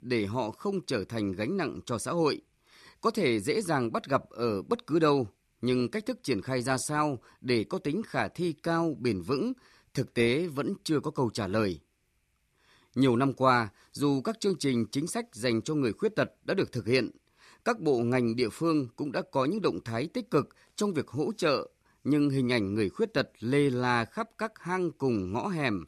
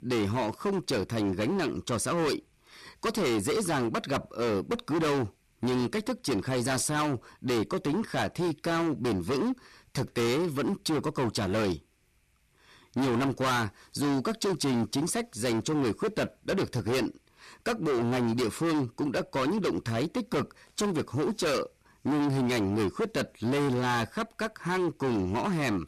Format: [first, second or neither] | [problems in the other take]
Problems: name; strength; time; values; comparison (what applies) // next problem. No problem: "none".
first | distortion; heavy; 24% of the sound clipped